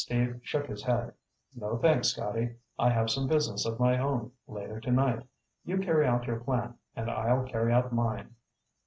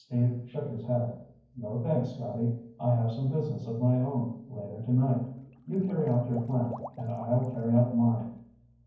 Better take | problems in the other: first | background sound (Water / Liquid); 19 dB below the speech // room echo; dies away in 0.9 s

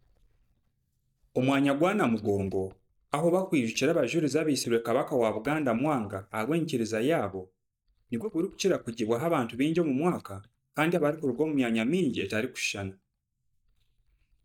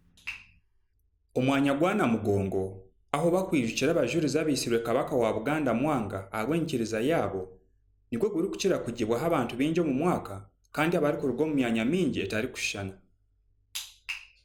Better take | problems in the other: second | noise reduction (neural mask model DeepFilterNet 3)

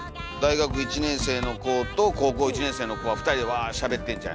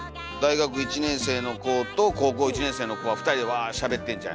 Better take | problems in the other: second | background sound (Computer keyboard); 11 dB below the speech

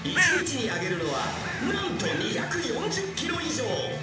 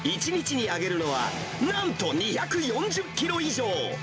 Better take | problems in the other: second | background sound (Bird); 5 dB below the speech // room echo; dies away in 0.9 s

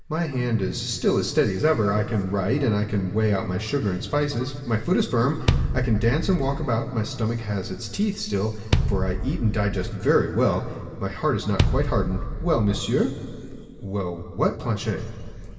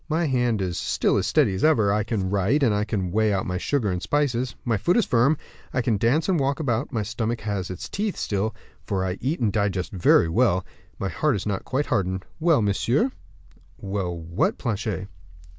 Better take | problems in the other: second | background sound (Bass drum); 2 dB below the speech // room echo; dies away in 2.3 s

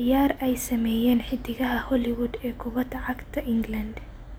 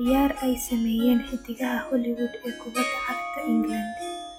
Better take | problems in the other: first | noise reduction (classical method log-MMSE)

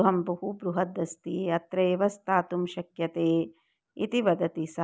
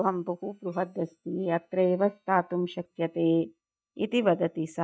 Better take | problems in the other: first | noise reduction (neural mask model DeepFilterNet 3)

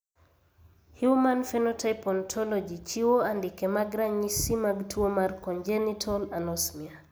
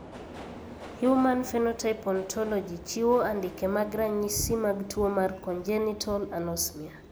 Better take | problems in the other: first | background sound (Subway, metro, underground); 16 dB below the speech

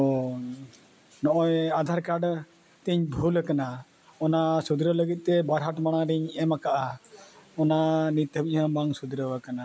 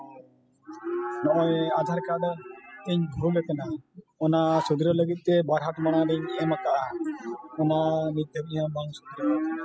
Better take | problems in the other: first | noise reduction (classical method spectral subtraction)

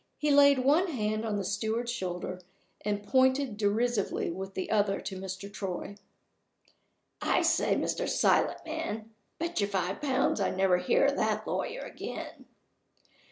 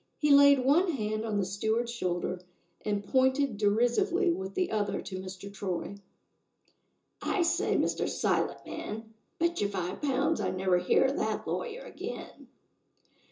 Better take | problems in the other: first | room echo; dies away in 0.2 s

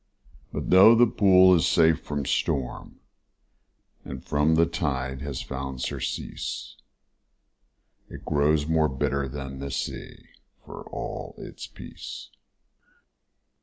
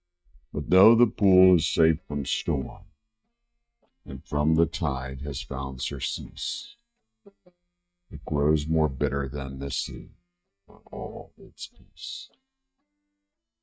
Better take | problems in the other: first | noise reduction (neural mask model DeepFilterNet 3)

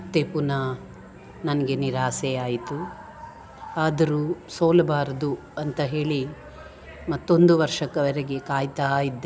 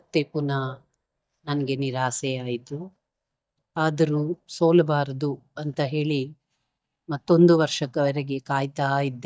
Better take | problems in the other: first | noise reduction (neural mask model DeepFilterNet 3)

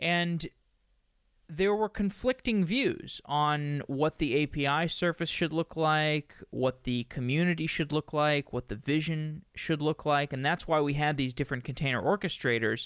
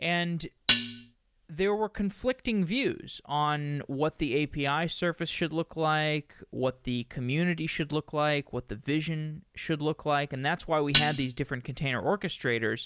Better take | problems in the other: first | background sound (Dishes, pots, and pans); 1 dB below the speech

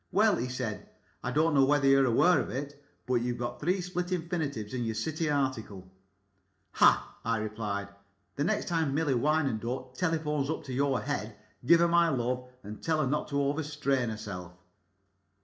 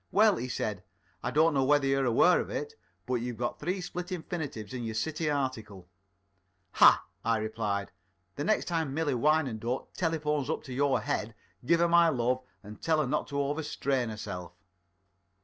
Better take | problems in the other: second | room echo; dies away in 0.4 s

